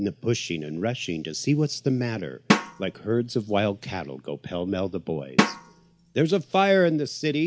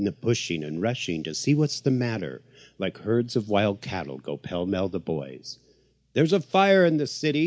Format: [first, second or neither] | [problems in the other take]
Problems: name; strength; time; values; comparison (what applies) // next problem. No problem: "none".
second | background sound (Drum); 2 dB below the speech